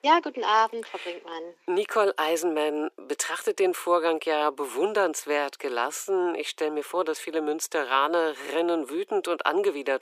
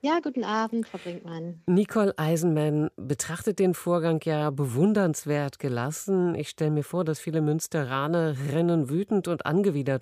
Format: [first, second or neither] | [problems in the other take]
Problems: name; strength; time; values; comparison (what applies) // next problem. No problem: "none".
second | thin; very; fading below 300 Hz